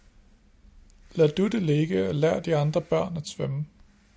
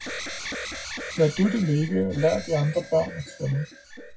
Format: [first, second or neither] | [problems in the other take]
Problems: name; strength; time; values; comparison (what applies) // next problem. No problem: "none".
first | noise reduction (classical method WPE with log-MMSE)